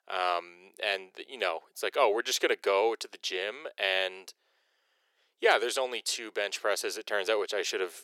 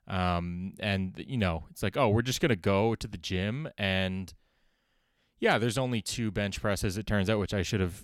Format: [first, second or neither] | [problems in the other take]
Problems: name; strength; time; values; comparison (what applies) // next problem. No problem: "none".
second | thin; very; fading below 400 Hz